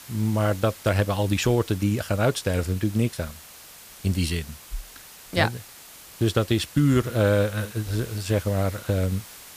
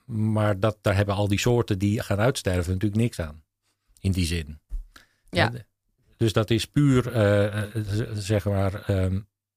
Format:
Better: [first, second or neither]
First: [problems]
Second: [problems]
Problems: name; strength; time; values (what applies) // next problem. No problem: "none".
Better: second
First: hiss; noticeable; throughout; 20 dB below the speech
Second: none